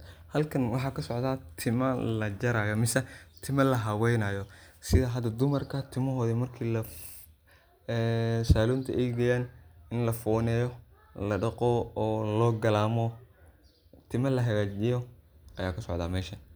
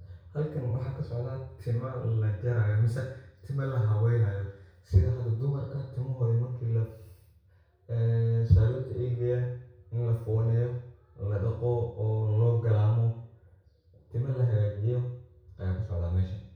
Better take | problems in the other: first | room echo; dies away in 0.6 s

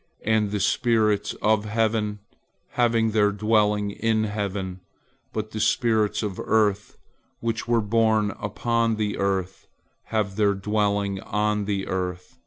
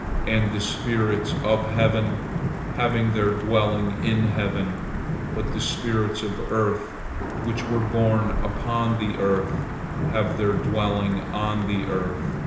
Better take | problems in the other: first | background sound (Thunder / Wind / Rain); 4 dB below the speech // room echo; dies away in 0.9 s

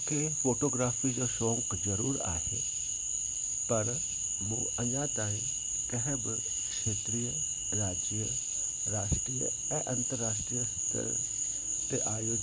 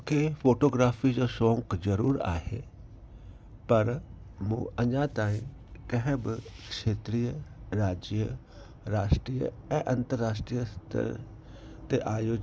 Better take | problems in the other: second | background sound (Cricket / Frog); 3 dB above the speech

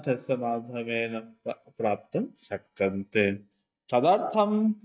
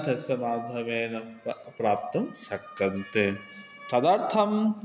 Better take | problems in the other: second | noise reduction (neural mask model DeepFilterNet 3)

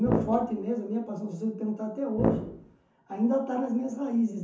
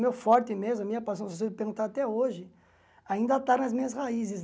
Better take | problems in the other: second | background sound (Brass instrument); 1 dB below the speech // room echo; dies away in 0.9 s

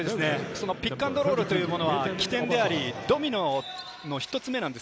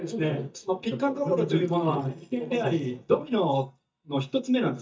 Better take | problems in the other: first | noise reduction (neural mask model DeepFilterNet 3)

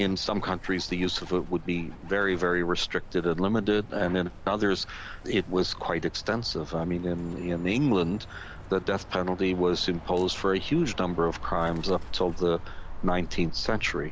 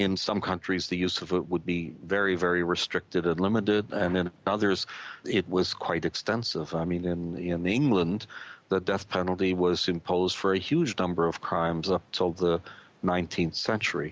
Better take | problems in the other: second | background sound (Bird); 10 dB below the speech

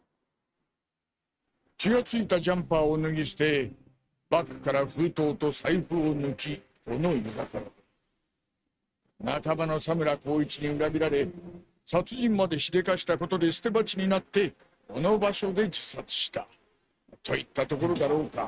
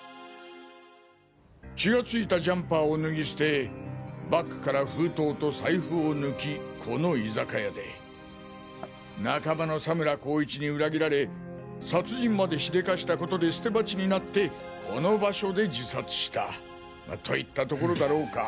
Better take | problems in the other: second | noise reduction (neural mask model RNNoise)

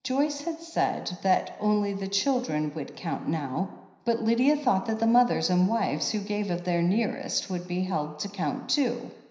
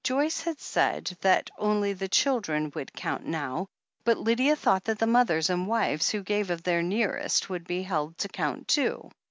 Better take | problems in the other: second | room echo; dies away in 0.9 s

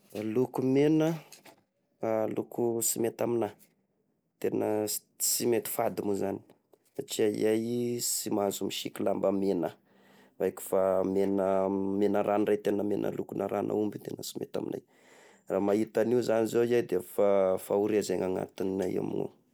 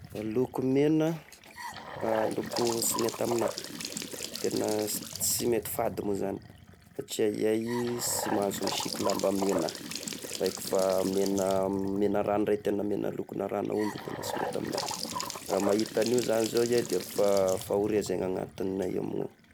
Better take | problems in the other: first | background sound (Trickle, dribble / Bathtub (filling or washing) / Sink (filling or washing) / Gurgling); 9 dB below the speech

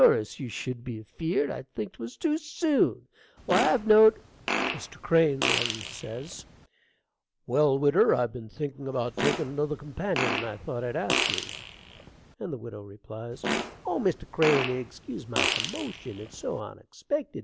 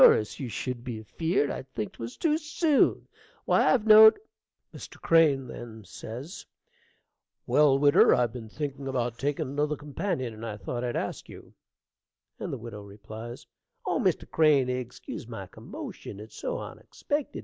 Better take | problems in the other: second | background sound (Fart); 4 dB below the speech

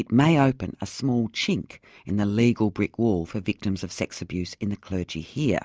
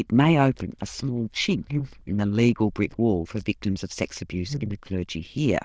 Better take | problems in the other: first | noise reduction (neural diffusion model UNIVERSE++)

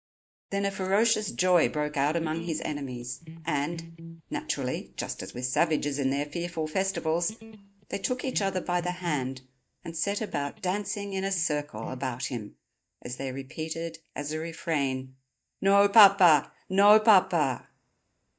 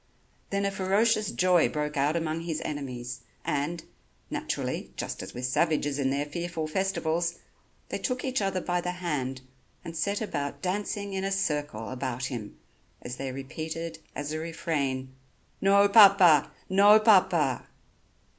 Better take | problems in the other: second | noise reduction (neural mask model DeepFilterNet 3)

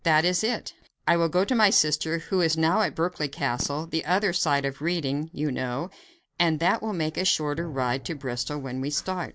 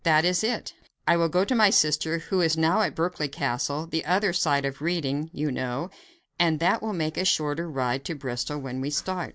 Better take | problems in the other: second | background sound (Fireworks + Drum); 20 dB below the speech

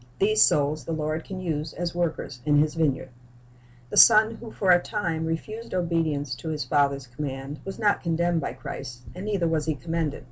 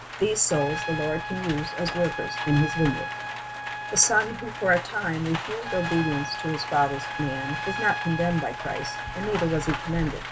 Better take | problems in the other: first | background sound (Rain + Trumpet); 6 dB below the speech

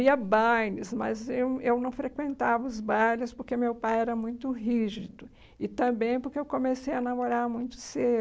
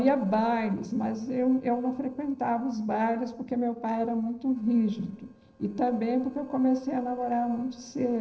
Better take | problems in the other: first | noise reduction (neural separator model SepFormer DNS4)

